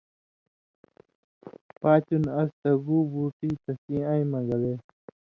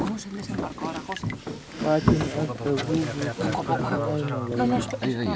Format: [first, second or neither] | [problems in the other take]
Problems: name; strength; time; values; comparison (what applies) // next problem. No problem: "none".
first | background sound (Boat, Water vehicle); 3 dB above the speech